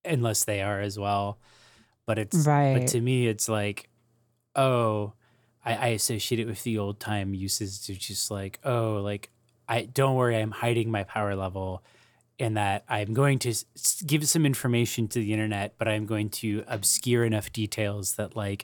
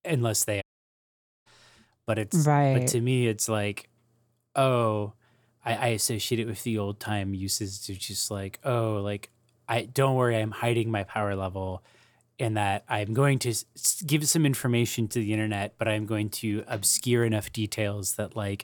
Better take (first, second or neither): first